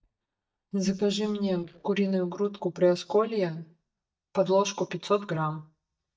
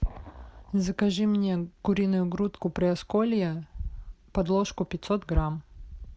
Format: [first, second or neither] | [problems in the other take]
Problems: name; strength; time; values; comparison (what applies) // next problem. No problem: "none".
second | noise reduction (neural mask model DeepFilterNet 3)